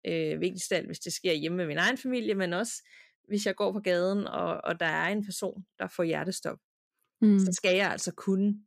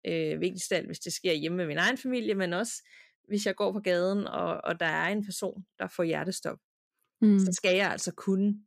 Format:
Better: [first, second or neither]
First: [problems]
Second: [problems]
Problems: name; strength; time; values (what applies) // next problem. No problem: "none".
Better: neither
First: none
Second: none